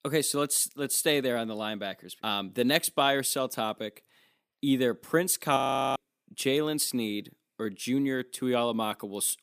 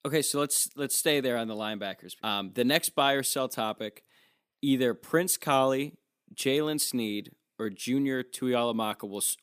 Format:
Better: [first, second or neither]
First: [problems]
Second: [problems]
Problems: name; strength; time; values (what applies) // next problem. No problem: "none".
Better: second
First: audio freezing; at 5.5 s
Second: none